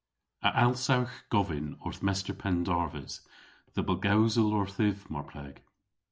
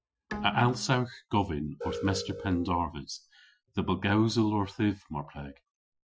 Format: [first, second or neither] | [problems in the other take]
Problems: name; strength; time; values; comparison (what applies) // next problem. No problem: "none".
first | noise reduction (classical method Wiener filter)